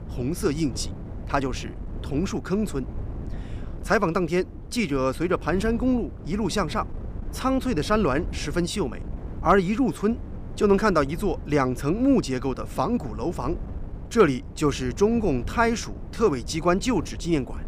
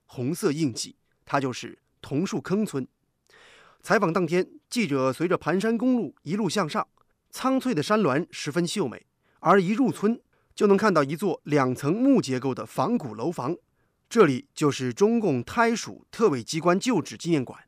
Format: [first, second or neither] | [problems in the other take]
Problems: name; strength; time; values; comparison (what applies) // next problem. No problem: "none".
second | wind noise on the microphone; occasional gusts; 20 dB below the speech